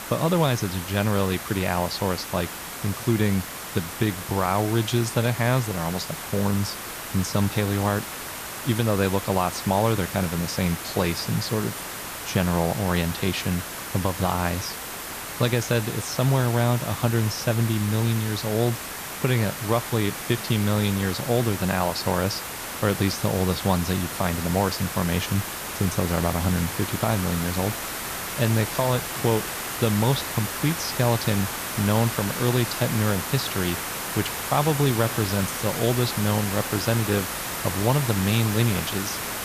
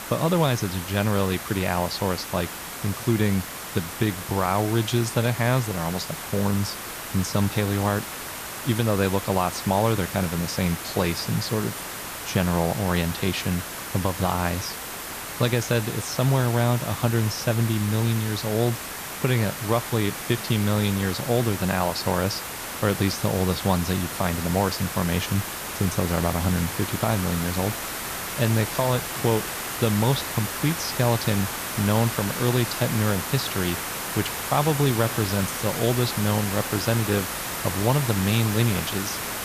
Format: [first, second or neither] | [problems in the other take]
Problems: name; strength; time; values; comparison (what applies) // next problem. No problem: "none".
neither | hiss; loud; throughout; 6 dB below the speech; the same in both